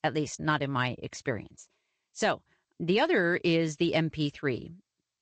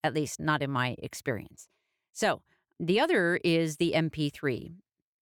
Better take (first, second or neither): second